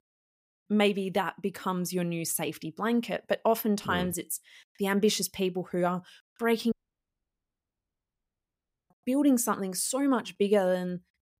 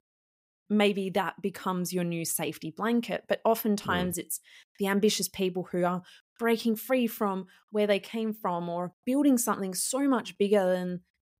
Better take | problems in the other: second | audio cutting out; at 6.5 s for 2 s

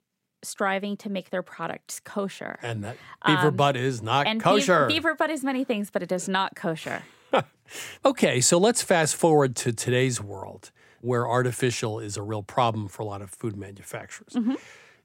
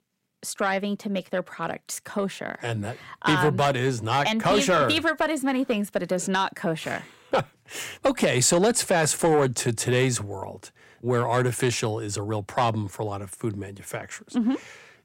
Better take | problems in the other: first | distortion; slight; 10 dB below the speech

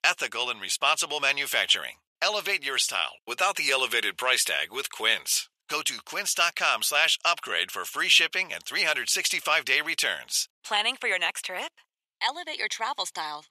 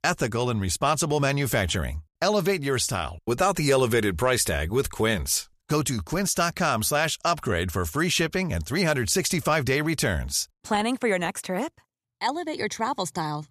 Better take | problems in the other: second | thin; very; fading below 700 Hz

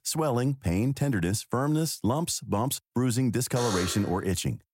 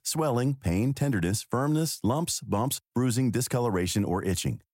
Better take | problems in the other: second | alarm; noticeable; at 3.5 s; peak 5 dB below the speech

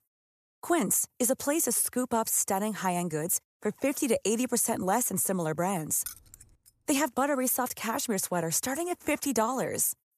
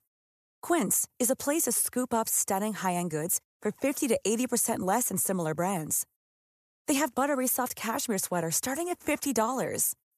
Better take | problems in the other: second | jangling keys; faint; at 6 s; peak 15 dB below the speech

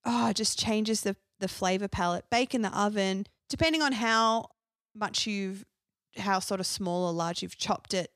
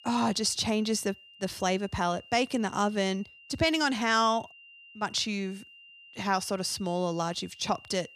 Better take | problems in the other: first | high-pitched whine; faint; throughout; 3 kHz, 20 dB below the speech

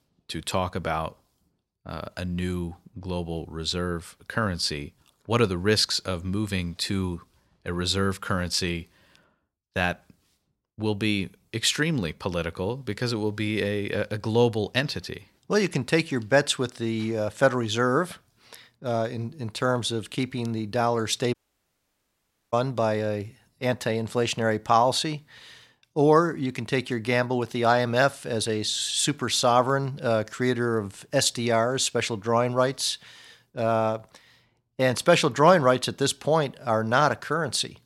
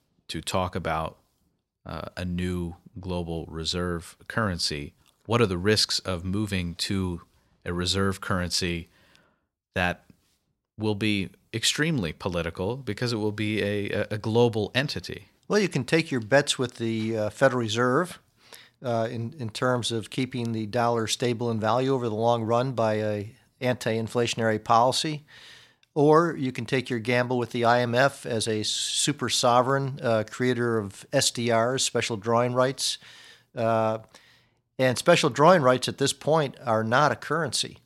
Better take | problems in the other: second | audio cutting out; at 21 s for 1 s

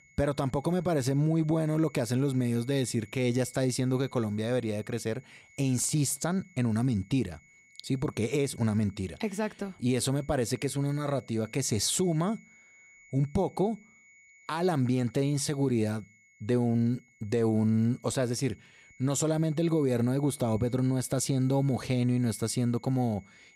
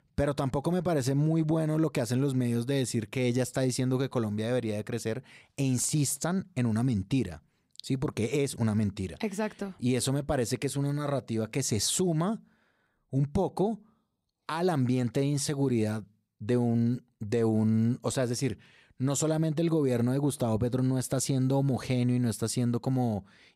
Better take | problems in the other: second | high-pitched whine; faint; throughout; 2 kHz, 30 dB below the speech

